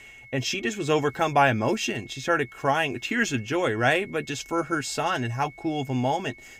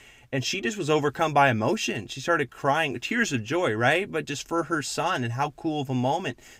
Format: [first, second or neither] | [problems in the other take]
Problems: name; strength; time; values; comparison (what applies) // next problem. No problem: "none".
second | high-pitched whine; faint; throughout; 2 kHz, 20 dB below the speech